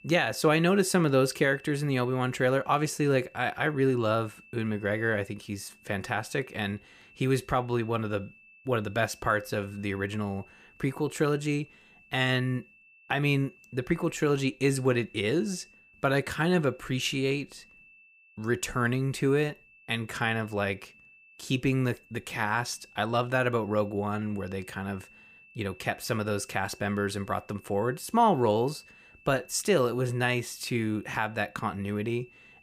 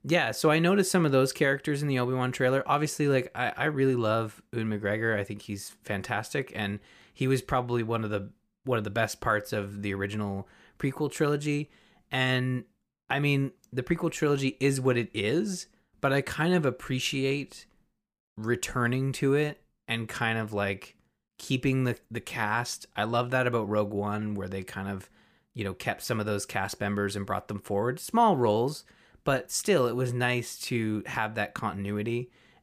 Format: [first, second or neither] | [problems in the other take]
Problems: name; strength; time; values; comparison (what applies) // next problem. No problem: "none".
second | high-pitched whine; faint; throughout; 2.5 kHz, 25 dB below the speech